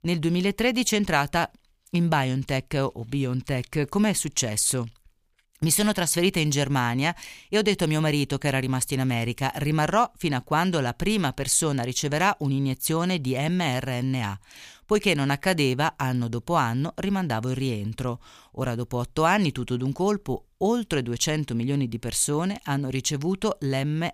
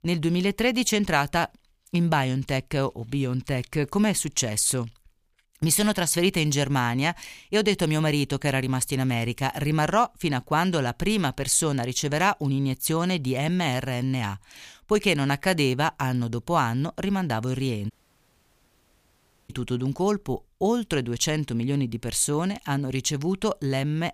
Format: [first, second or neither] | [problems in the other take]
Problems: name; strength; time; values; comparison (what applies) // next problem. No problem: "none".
first | audio cutting out; at 18 s for 1.5 s